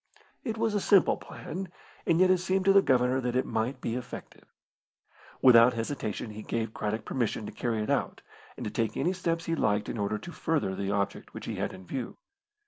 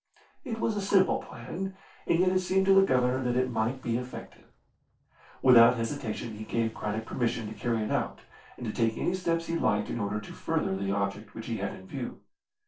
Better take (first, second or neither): first